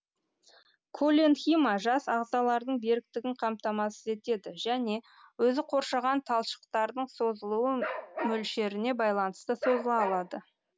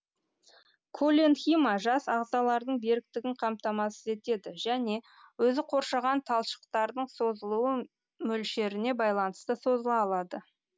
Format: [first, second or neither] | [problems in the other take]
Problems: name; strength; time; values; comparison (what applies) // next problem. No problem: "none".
second | background sound (Bark); 8 dB below the speech